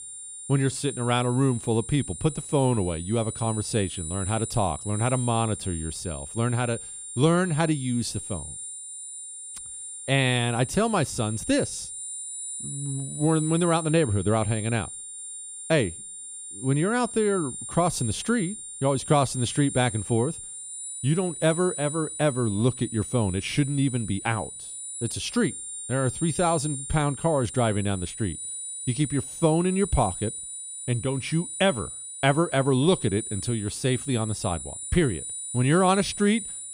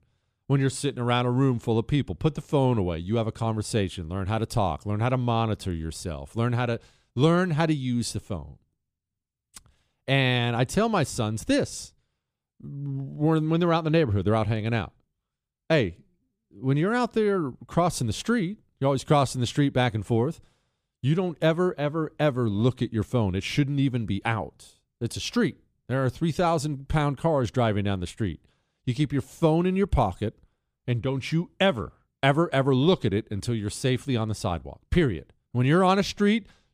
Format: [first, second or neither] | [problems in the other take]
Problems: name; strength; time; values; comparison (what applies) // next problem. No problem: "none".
second | high-pitched whine; loud; throughout; 9.5 kHz, 8 dB below the speech